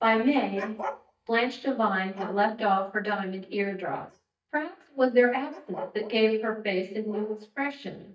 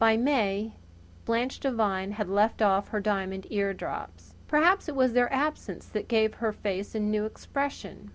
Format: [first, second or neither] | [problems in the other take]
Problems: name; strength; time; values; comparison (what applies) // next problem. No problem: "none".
second | noise reduction (neural mask model DeepFilterNet 3)